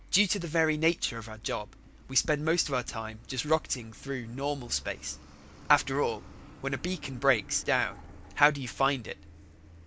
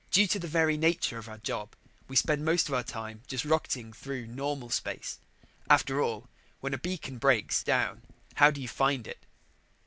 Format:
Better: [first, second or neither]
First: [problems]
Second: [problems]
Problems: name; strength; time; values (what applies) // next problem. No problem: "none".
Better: second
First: background sound (Truck); 19 dB below the speech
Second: none